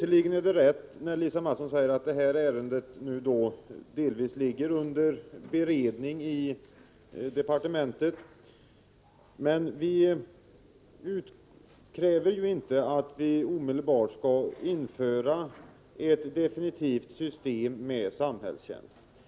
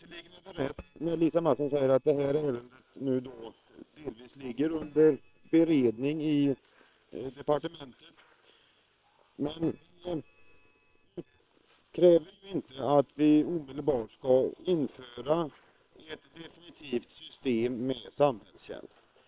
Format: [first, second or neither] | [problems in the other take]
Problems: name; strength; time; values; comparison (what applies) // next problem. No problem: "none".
first | noise reduction (neural separator model SepFormer WHAM!)